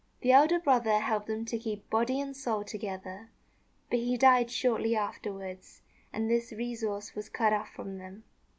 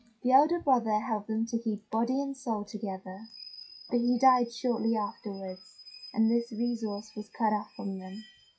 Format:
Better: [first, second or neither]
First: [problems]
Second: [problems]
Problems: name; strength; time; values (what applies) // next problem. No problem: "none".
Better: first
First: none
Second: noise reduction (classical method WPE with log-MMSE)